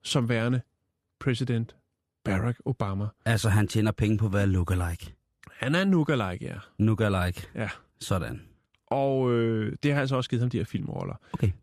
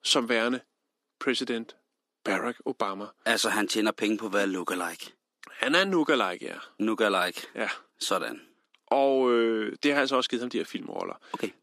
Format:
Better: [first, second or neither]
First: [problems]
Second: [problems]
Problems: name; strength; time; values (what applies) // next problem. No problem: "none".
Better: first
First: none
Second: thin; somewhat; fading below 250 Hz